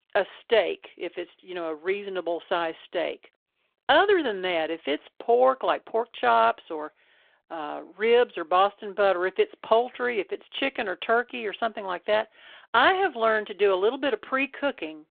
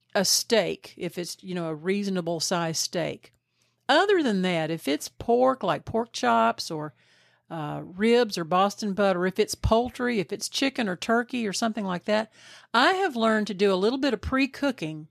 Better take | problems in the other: second | phone-call audio

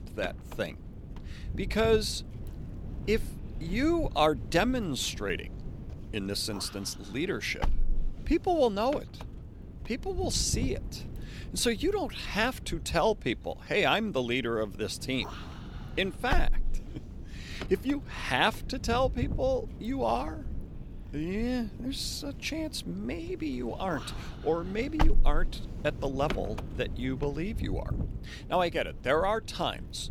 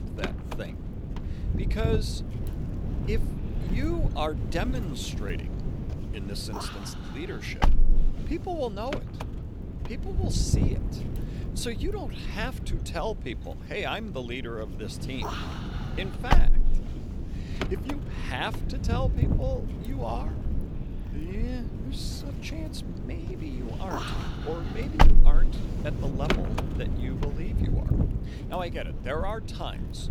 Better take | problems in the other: first | wind noise on the microphone; heavy; 2 dB below the speech; occasional gusts in the first

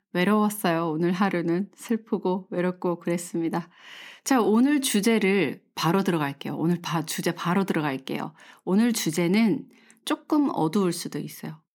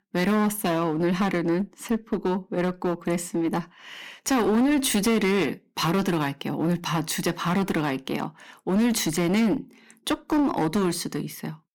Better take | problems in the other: first | distortion; slight; 13% of the sound clipped

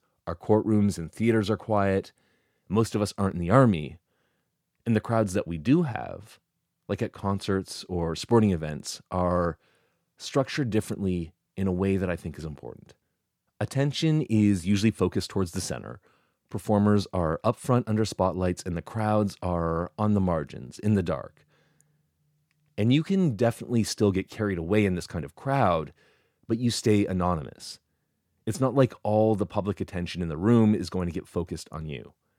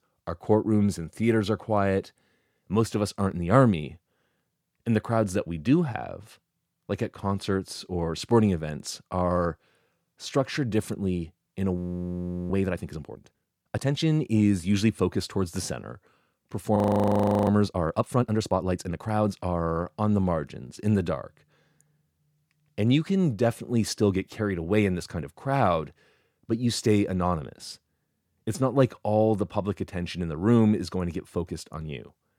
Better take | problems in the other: first | audio freezing; at 12 s for 0.5 s and at 17 s for 0.5 s

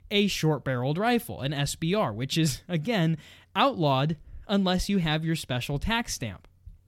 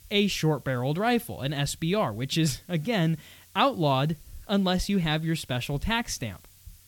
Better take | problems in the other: first | hiss; faint; throughout; 25 dB below the speech

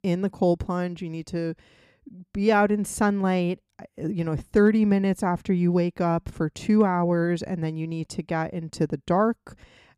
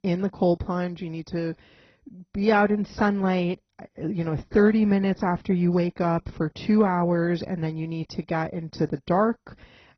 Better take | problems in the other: first | garbled, watery; badly; nothing above 6 kHz

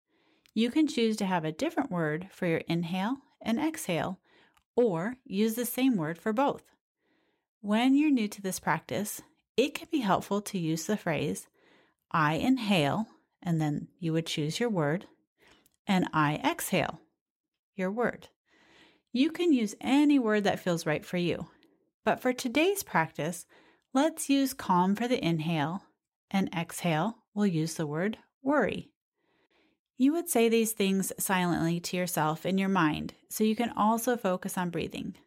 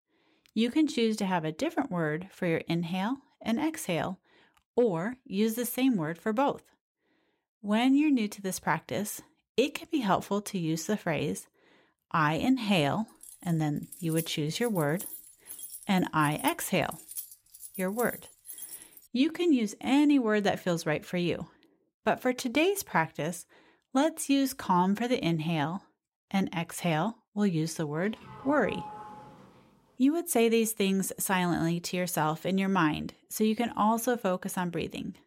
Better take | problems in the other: first | jangling keys; noticeable; from 13 to 19 s; peak 10 dB below the speech // doorbell; faint; from 28 to 30 s; peak 15 dB below the speech

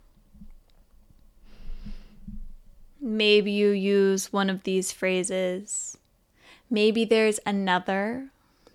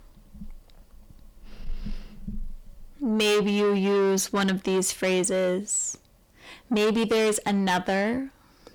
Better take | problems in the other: first | distortion; heavy; 7 dB below the speech

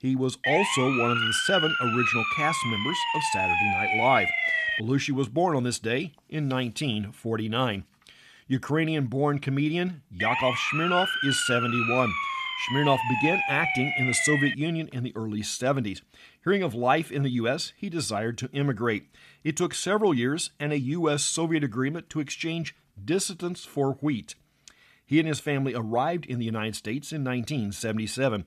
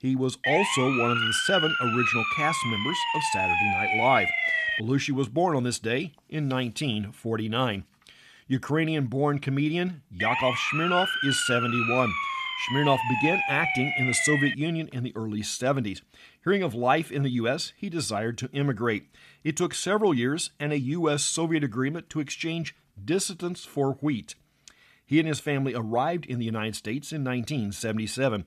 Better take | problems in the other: neither | siren; loud; until 5 s and from 10 to 15 s; peak 5 dB above the speech; the same in both

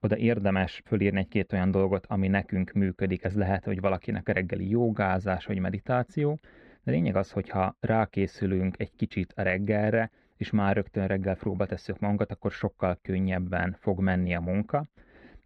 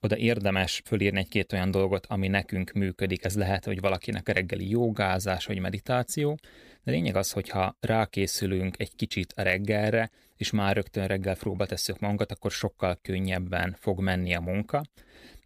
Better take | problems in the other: second | muffled; very; fading above 1.5 kHz

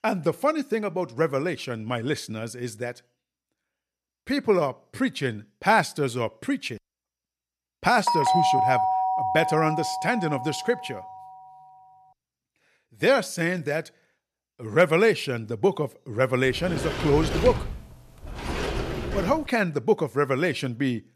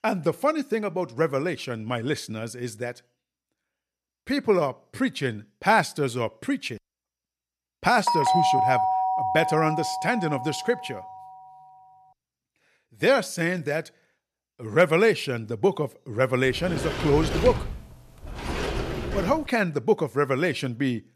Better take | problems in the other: neither | doorbell; loud; from 8 to 11 s; peak 5 dB above the speech; the same in both // door banging; noticeable; from 16 to 19 s; peak 2 dB below the speech; the same in both

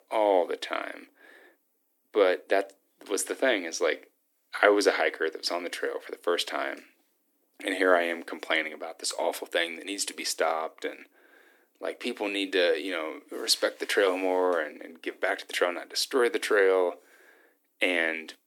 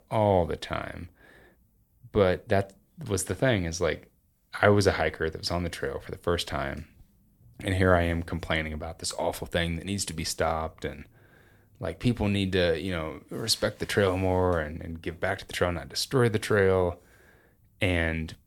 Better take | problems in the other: second | thin; somewhat; fading below 300 Hz

